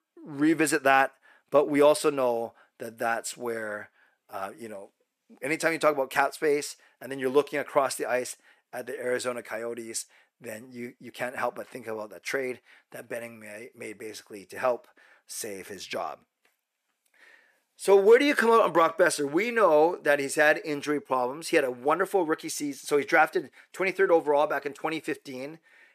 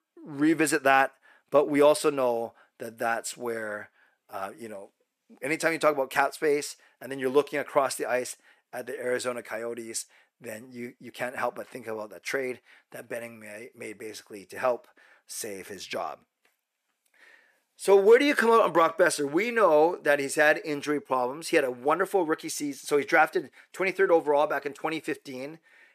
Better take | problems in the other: neither | thin; somewhat; fading below 400 Hz; the same in both

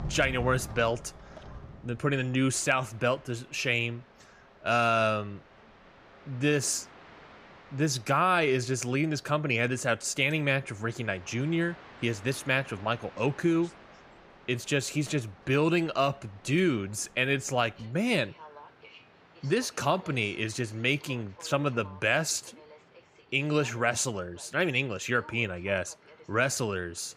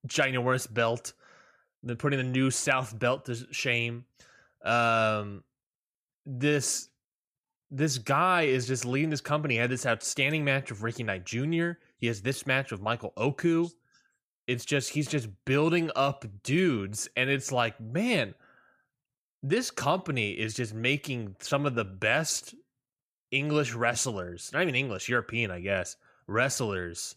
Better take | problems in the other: second | train or aircraft noise; faint; throughout; 20 dB below the speech

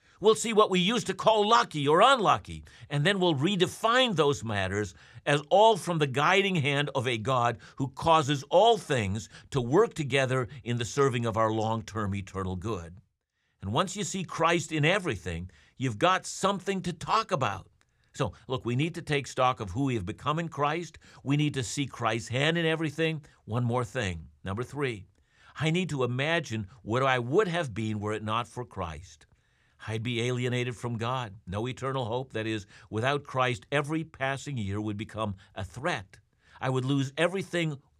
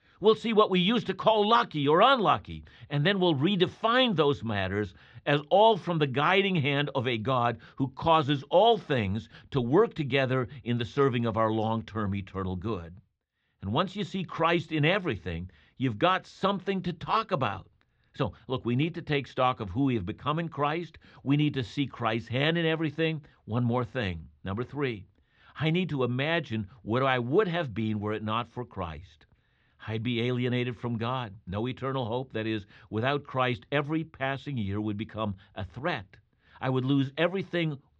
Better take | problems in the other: first | muffled; slightly; fading above 4 kHz

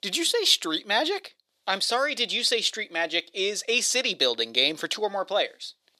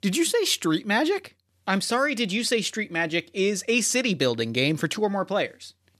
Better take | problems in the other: second | thin; somewhat; fading below 450 Hz

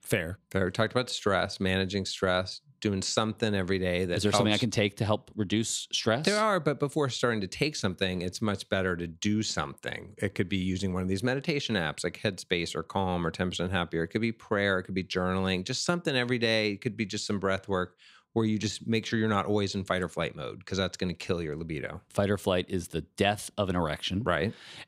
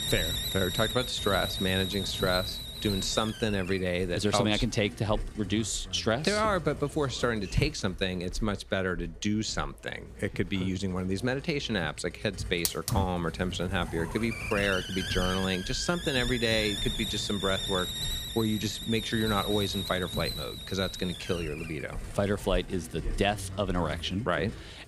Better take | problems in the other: first | hiss; loud; throughout; 5 dB below the speech

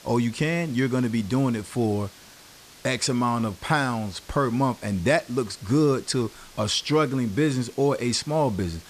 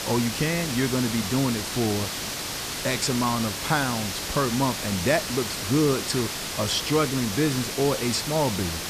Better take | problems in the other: first | hiss; loud; throughout; 3 dB below the speech; faint in the first

